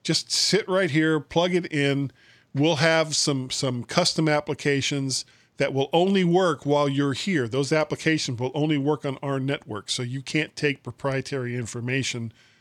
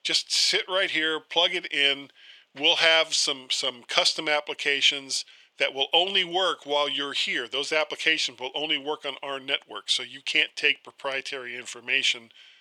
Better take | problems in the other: first | thin; very; fading below 600 Hz

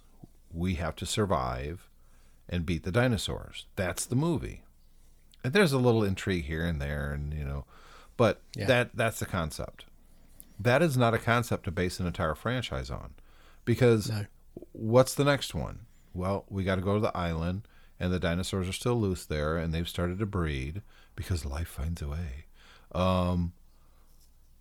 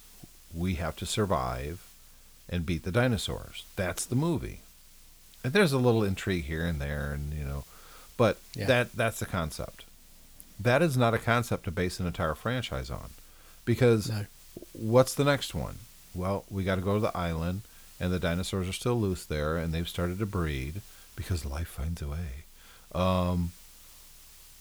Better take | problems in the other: first | hiss; faint; throughout; 25 dB below the speech

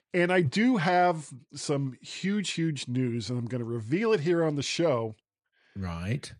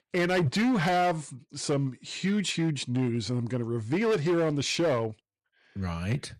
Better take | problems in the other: first | distortion; slight; 10% of the sound clipped

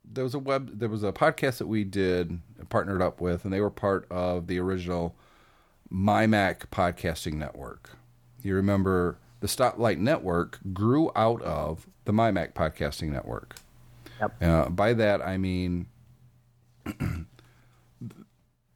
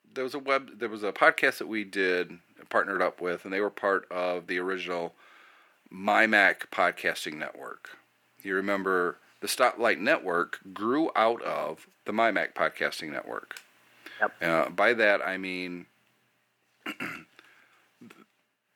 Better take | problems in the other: first | thin; somewhat; fading below 300 Hz

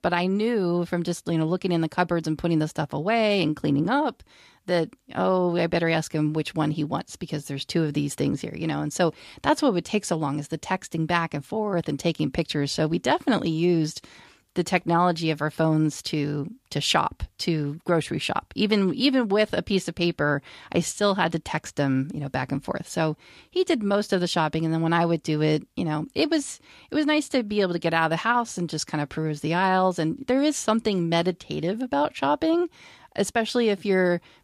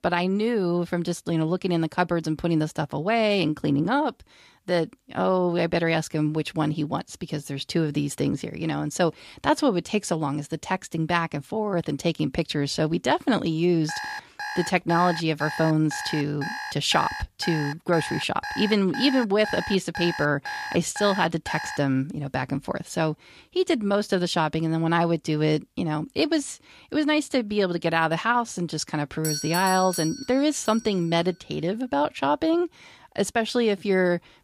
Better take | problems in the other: first | alarm; noticeable; from 14 to 22 s; peak 7 dB below the speech // doorbell; noticeable; from 29 to 31 s; peak 4 dB below the speech

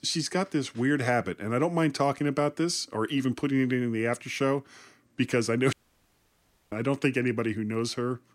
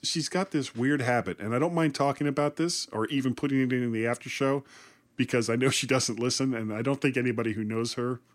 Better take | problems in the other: second | audio cutting out; at 5.5 s for 1 s

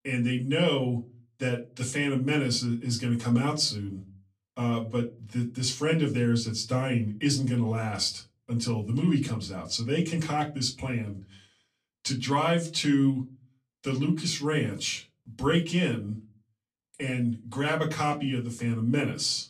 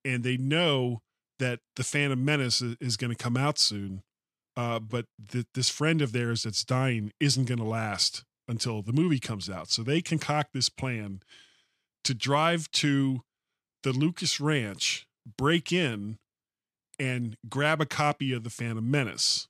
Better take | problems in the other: second | off-mic speech; far // room echo; very slight; dies away in 0.3 s

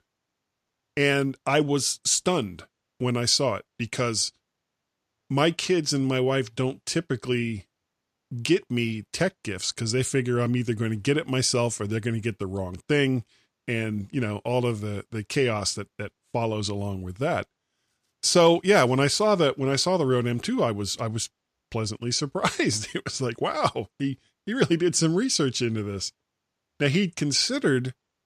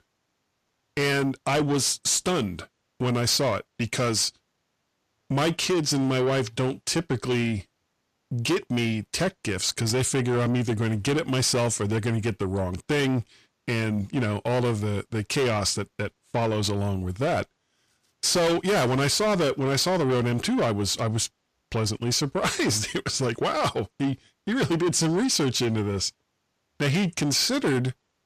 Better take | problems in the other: first | distortion; heavy; 7 dB below the speech

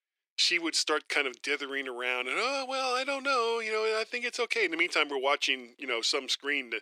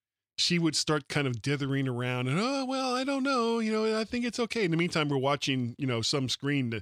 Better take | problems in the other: second | thin; very; fading below 350 Hz

